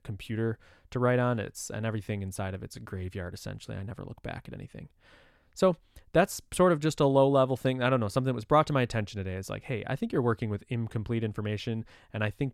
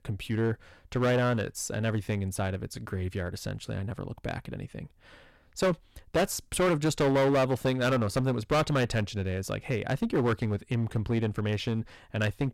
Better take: first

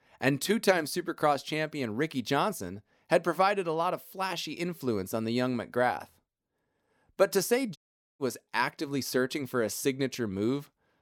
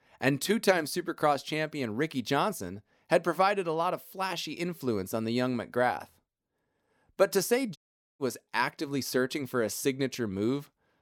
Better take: neither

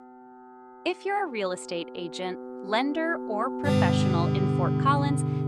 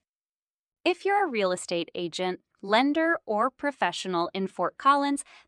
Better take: second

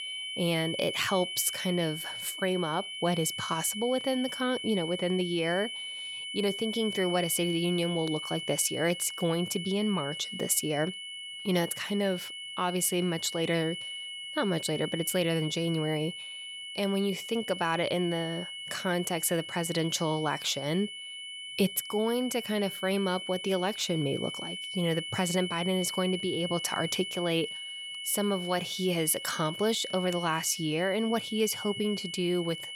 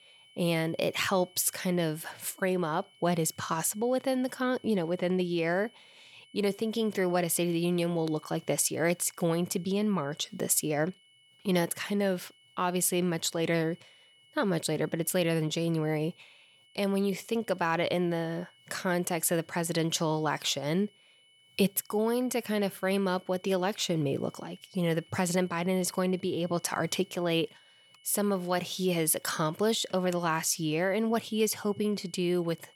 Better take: second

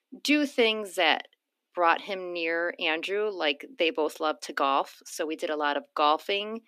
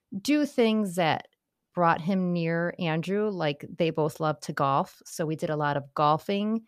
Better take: second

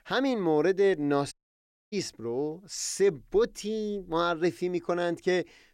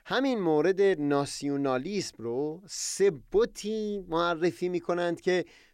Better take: second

